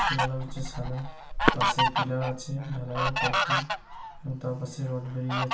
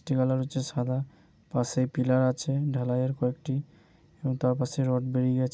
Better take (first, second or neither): second